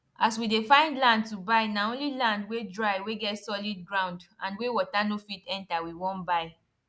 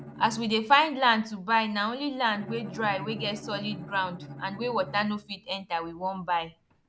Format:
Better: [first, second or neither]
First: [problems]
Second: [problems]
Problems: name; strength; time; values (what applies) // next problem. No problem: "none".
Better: first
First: none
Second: background sound (Bowed string instrument); 16 dB below the speech